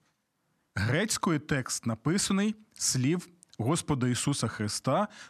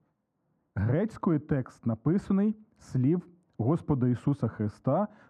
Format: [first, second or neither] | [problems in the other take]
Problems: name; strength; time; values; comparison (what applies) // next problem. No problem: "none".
first | muffled; very; fading above 2 kHz